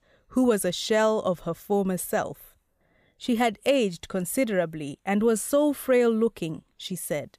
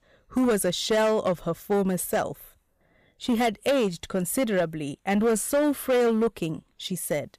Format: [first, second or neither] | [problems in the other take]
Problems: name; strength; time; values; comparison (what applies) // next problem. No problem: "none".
first | distortion; slight; 9% of the sound clipped